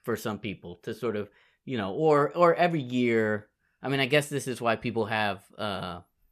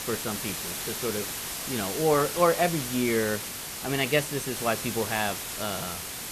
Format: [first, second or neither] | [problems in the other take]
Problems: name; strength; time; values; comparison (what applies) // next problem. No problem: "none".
first | hiss; loud; throughout; 4 dB below the speech